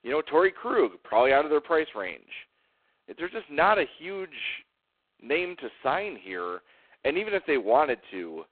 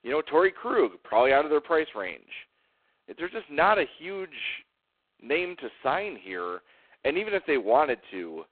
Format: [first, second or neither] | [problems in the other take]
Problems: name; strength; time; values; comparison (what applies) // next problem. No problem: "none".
neither | phone-call audio; poor line; nothing above 4 kHz; the same in both